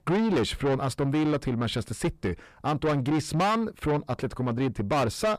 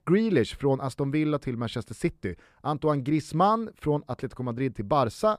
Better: second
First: distortion; heavy; 7 dB below the speech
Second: none

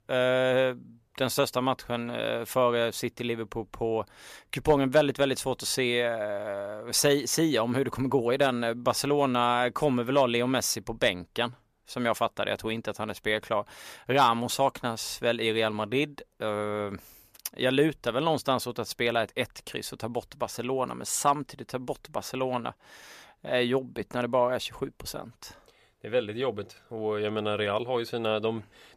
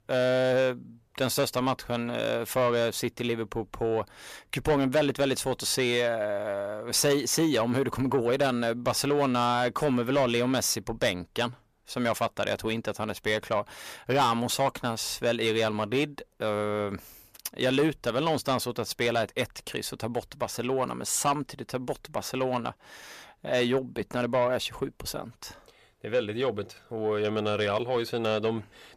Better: first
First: none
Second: distortion; slight; 10 dB below the speech

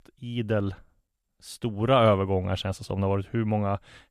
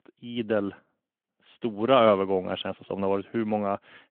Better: first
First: none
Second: phone-call audio; nothing above 3.5 kHz

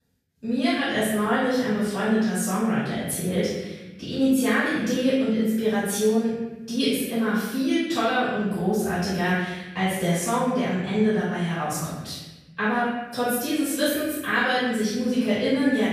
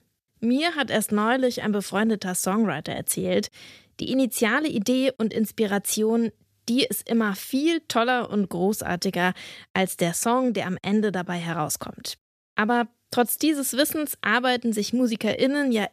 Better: second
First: off-mic speech; far // room echo; strong; dies away in 1.2 s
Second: none

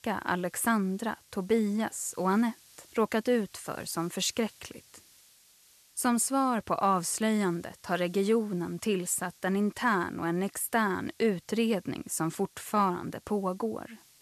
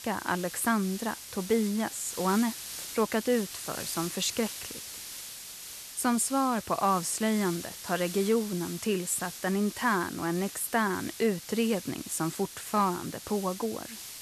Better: first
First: hiss; faint; throughout; 25 dB below the speech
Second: hiss; loud; throughout; 10 dB below the speech

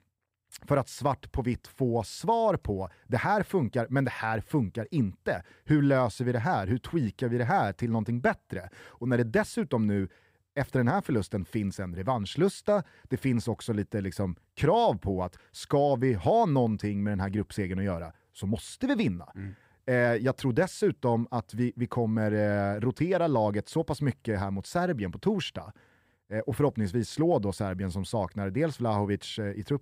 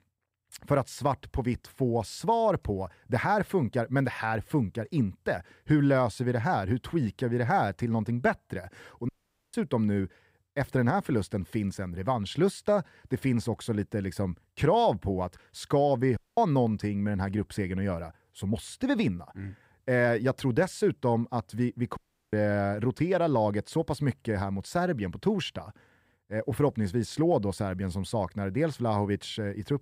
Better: first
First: none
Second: audio cutting out; at 9 s, at 16 s and at 22 s

